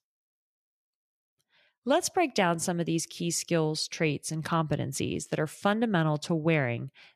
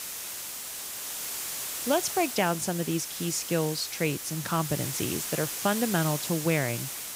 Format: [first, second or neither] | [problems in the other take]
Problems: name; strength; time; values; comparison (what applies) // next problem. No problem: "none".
first | hiss; loud; throughout; 4 dB below the speech